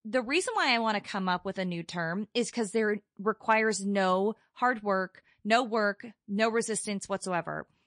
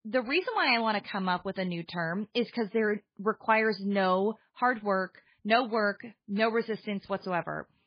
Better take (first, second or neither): first